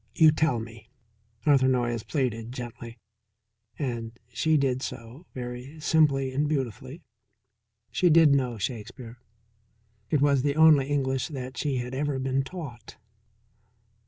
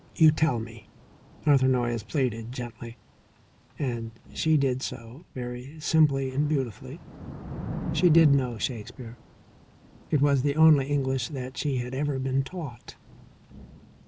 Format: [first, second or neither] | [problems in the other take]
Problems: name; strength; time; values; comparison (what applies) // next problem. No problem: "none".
first | background sound (Thunder / Rain); 16 dB below the speech